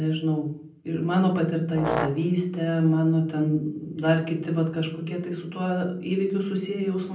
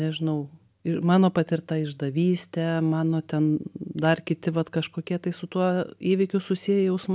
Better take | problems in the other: second | background sound (Brass instrument); 6 dB below the speech // room echo; dies away in 0.6 s

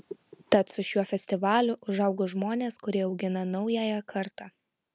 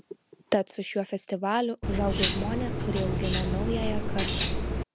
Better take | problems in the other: first | background sound (Cutlery, silverware); 3 dB above the speech

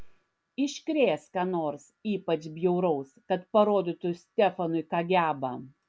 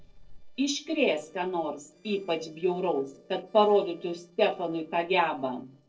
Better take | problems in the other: first | noise reduction (neural separator model SepFormer DNS4)

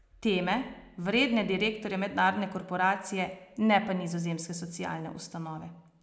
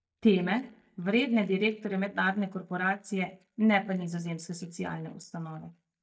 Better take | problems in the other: first | noise reduction (neural mask model DeepFilterNet 3)

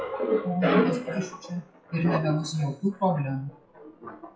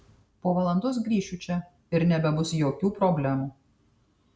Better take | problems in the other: second | noise reduction (classical method WPE with log-MMSE)

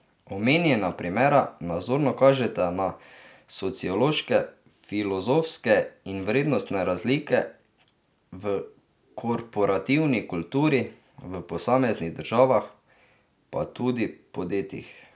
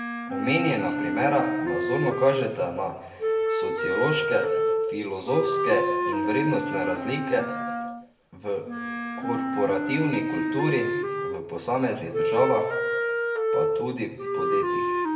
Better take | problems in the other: first | background sound (Wind instrument, woodwind instrument); 1 dB above the speech // room echo; dies away in 1.2 s

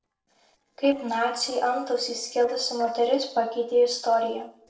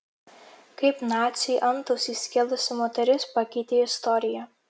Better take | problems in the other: second | noise reduction (neural separator model SepFormer DNS4)

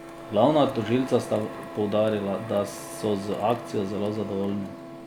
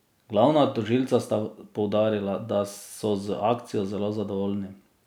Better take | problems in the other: second | background sound (Printer); 12 dB below the speech

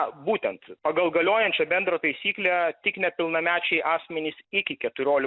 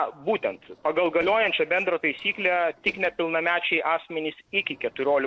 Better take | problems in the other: first | noise reduction (neural separator model SepFormer DNS4)

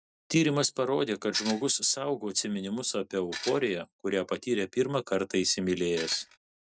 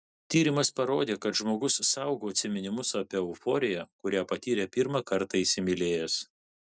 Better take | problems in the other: second | background sound (Tools); 10 dB below the speech

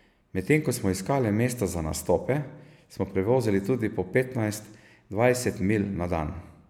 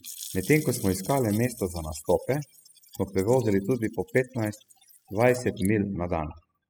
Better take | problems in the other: first | noise reduction (classical method spectral subtraction)

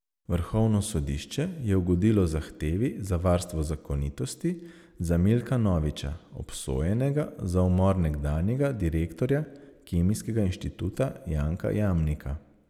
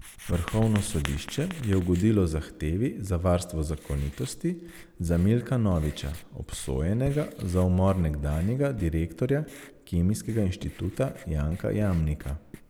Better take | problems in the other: first | background sound (Writing); 18 dB below the speech

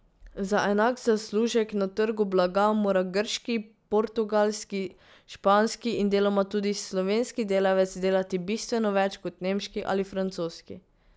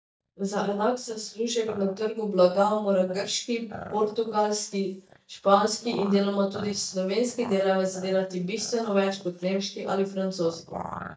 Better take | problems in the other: first | noise reduction (neural mask model DeepFilterNet 3)

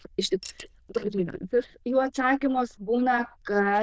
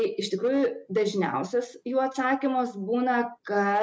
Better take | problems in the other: second | noise reduction (neural diffusion model UNIVERSE++)

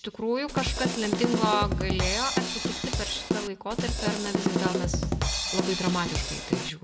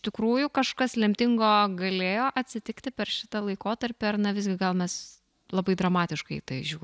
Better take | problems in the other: second | background sound (Drum kit); 3 dB above the speech // room echo; dies away in 2.2 s

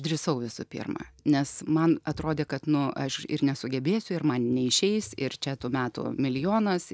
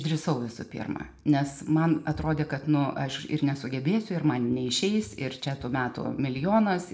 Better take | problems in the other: first | room echo; dies away in 0.6 s

